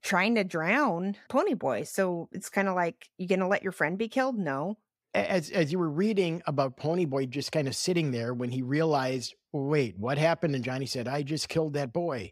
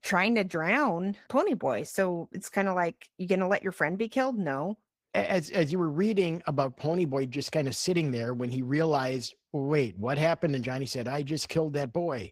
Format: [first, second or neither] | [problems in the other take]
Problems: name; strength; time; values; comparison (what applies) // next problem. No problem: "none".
first | garbled, watery; slightly; nothing above 15.5 kHz